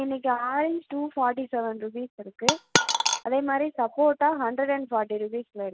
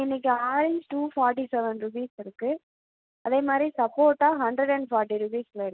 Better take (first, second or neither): second